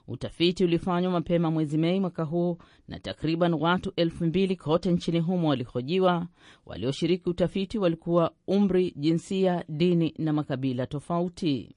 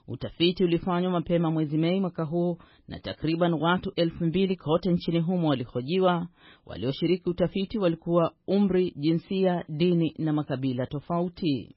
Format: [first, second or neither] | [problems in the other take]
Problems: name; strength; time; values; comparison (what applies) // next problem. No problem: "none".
first | garbled, watery; badly; nothing above 4.5 kHz; slightly in the first